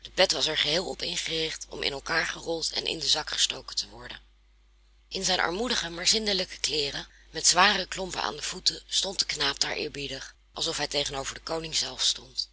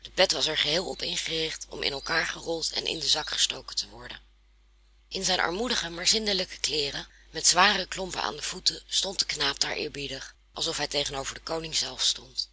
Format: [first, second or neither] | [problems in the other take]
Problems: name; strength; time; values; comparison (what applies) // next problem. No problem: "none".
first | background sound (Chirp, tweet); 16 dB below the speech